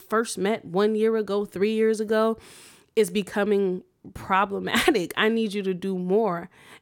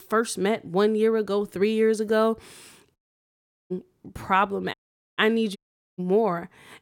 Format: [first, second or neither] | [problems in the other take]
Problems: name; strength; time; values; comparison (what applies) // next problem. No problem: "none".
first | audio cutting out; at 3 s for 0.5 s, at 4.5 s and at 5.5 s